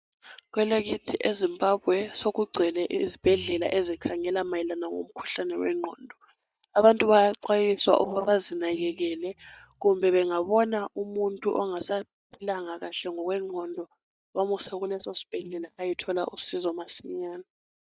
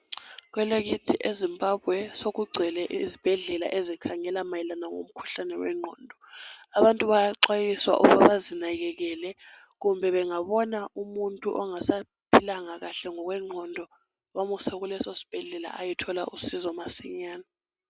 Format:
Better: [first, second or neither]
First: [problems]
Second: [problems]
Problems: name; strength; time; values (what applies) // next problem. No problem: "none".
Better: second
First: noise reduction (neural mask model DeepFilterNet 3)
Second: none